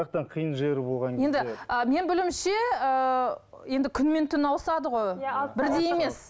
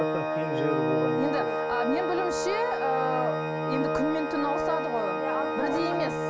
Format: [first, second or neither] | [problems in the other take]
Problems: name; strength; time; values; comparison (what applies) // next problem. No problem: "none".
first | background sound (Organ); 2 dB above the speech